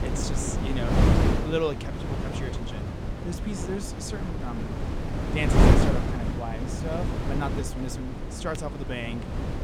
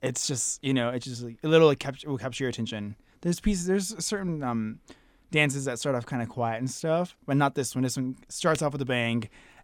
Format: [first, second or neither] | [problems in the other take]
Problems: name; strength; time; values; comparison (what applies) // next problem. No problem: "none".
second | wind noise on the microphone; heavy; 2 dB above the speech